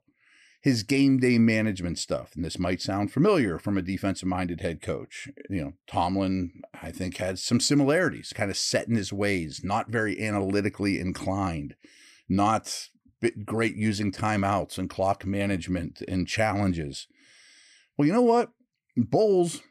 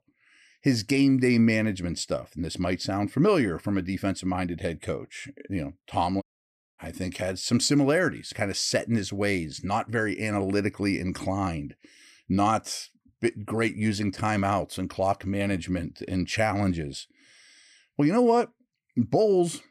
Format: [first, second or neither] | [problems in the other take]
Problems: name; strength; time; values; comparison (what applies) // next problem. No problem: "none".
first | audio cutting out; at 6 s for 0.5 s